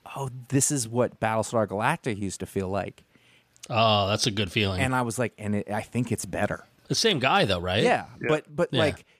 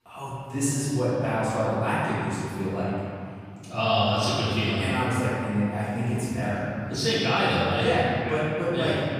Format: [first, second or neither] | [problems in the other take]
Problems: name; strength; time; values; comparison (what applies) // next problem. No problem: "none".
first | off-mic speech; far // room echo; strong; dies away in 2.6 s